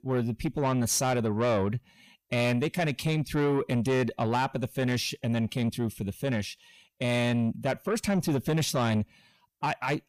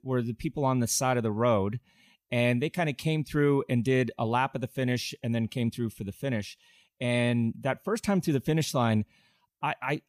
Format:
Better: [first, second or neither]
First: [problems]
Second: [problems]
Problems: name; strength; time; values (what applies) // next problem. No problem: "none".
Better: second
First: distortion; slight; 10 dB below the speech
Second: none